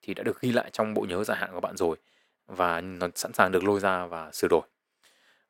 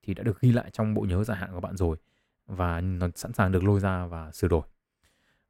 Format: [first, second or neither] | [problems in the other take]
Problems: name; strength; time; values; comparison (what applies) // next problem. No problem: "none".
second | thin; somewhat; fading below 400 Hz